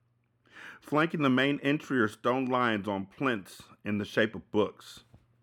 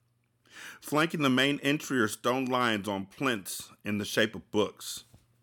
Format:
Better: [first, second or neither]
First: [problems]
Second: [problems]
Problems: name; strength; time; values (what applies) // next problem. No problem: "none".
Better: second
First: muffled; slightly; fading above 3.5 kHz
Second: none